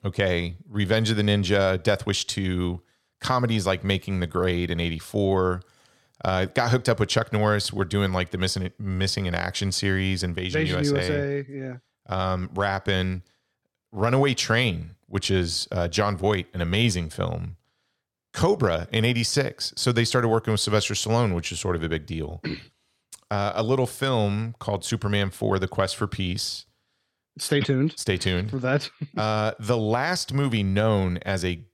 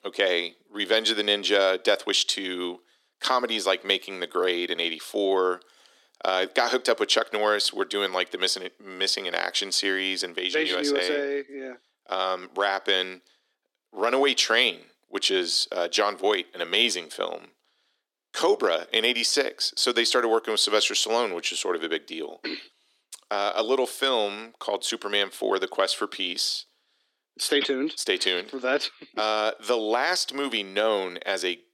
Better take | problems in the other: first | thin; somewhat; fading below 300 Hz

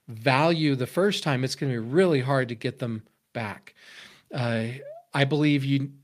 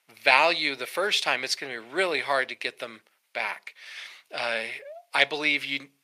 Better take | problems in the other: first | thin; very; fading below 750 Hz

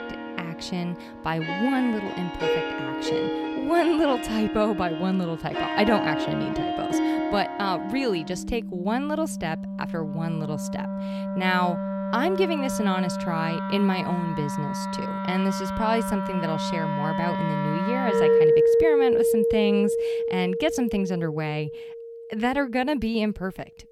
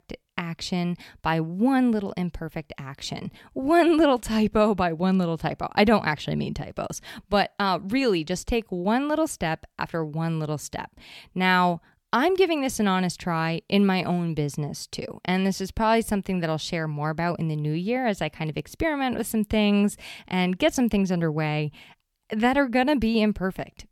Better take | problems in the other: second | background music; very loud; throughout; as loud as the speech

